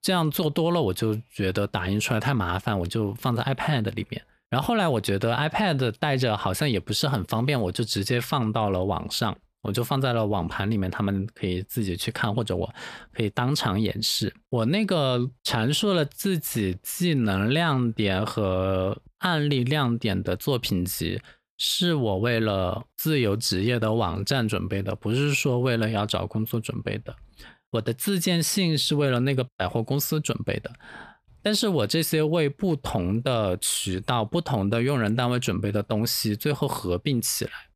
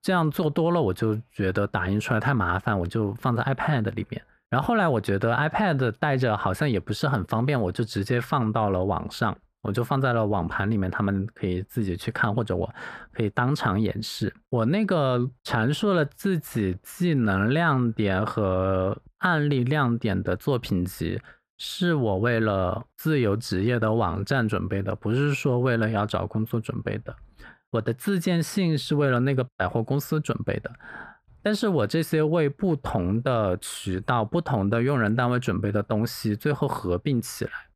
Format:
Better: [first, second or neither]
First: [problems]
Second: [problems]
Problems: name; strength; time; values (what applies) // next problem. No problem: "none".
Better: first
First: none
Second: muffled; slightly; fading above 2 kHz